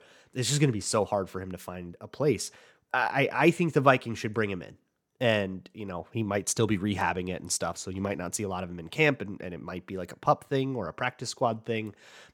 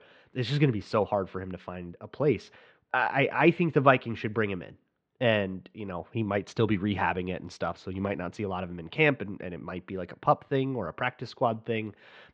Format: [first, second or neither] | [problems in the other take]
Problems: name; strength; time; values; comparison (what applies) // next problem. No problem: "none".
first | muffled; slightly; fading above 3.5 kHz